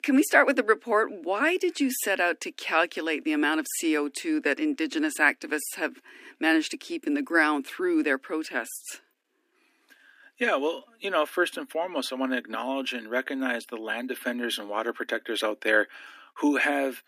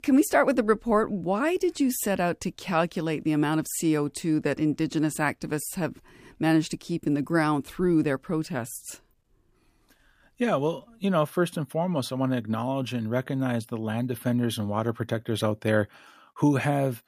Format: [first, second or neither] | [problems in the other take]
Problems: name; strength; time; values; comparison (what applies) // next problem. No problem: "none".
second | thin; very slightly; fading below 250 Hz